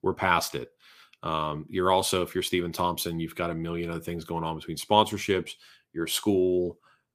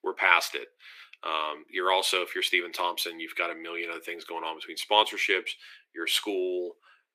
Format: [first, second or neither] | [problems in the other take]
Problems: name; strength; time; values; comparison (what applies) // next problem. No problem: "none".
first | thin; very; fading below 350 Hz